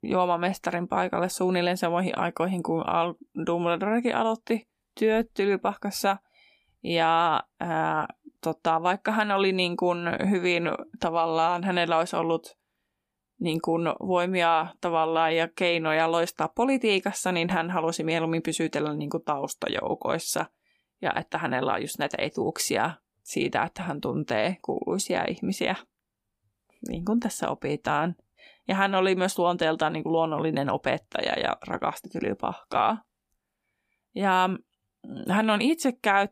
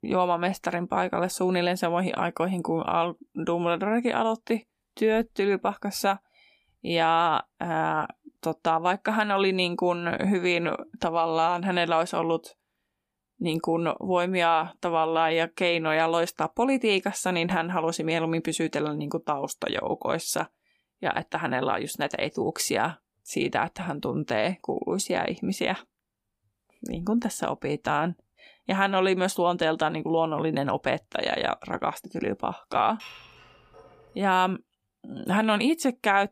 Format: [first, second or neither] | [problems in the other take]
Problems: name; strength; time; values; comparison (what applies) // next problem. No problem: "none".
first | clattering dishes; faint; from 33 to 34 s; peak 15 dB below the speech